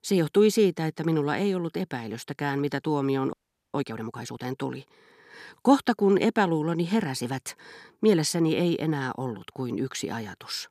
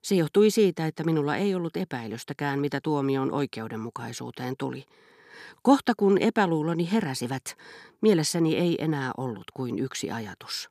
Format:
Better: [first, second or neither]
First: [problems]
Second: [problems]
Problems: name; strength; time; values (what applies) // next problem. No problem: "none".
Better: second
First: audio freezing; at 3.5 s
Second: none